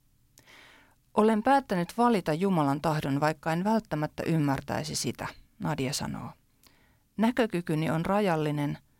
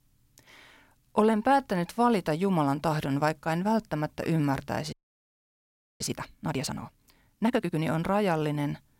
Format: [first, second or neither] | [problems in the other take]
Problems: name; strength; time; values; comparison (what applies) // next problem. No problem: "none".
first | audio freezing; at 5 s for 1 s